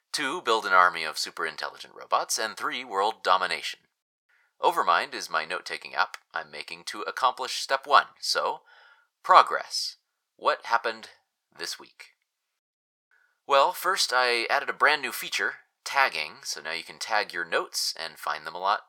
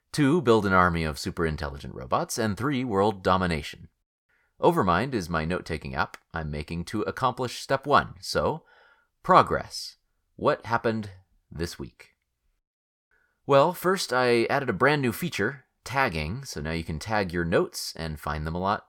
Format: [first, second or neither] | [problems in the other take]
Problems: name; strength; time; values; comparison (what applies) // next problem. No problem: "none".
second | thin; very; fading below 800 Hz